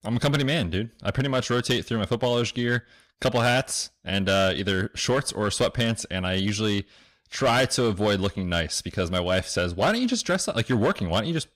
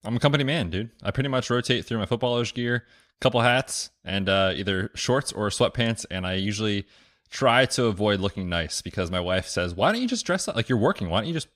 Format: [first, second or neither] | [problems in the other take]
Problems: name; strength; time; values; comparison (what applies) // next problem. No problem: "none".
second | distortion; slight; 6% of the sound clipped